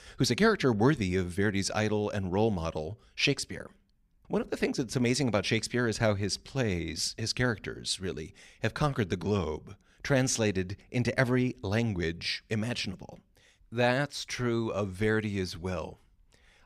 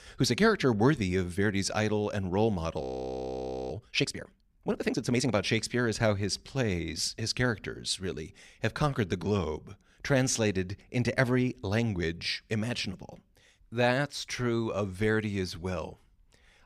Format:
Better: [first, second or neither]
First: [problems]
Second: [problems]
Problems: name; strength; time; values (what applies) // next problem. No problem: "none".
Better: first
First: none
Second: audio freezing; at 3 s for 1 s